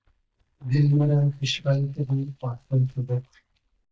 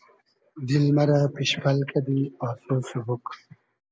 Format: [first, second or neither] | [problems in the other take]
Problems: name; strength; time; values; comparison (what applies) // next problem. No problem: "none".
second | noise reduction (neural mask model DeepFilterNet 3)